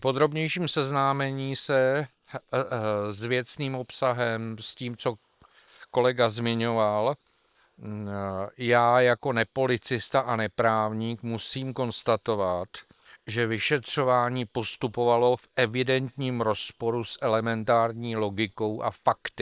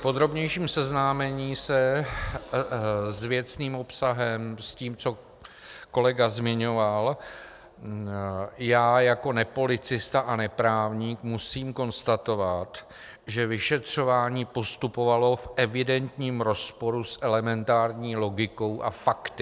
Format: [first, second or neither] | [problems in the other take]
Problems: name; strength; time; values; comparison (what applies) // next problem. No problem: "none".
second | noise reduction (neural separator model SepFormer WHAM!)